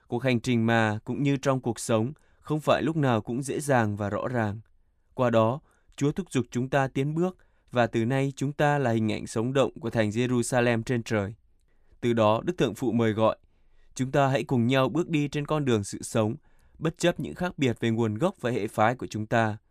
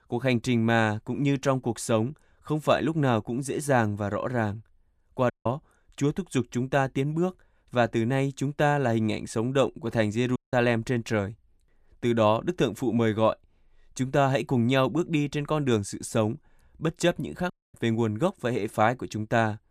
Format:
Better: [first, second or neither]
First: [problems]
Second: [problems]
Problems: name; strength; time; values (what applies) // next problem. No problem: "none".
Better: first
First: none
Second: audio cutting out; at 5.5 s, at 10 s and at 18 s